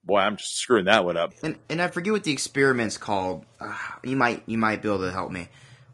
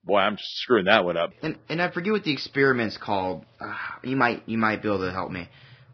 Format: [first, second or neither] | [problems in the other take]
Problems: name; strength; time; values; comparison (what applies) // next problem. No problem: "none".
first | garbled, watery; badly; nothing above 5.5 kHz; slightly in the first